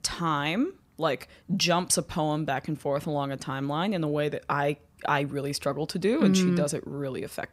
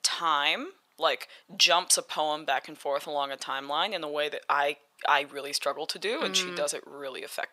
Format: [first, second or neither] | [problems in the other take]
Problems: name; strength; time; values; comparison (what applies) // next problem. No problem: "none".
first | thin; very; fading below 700 Hz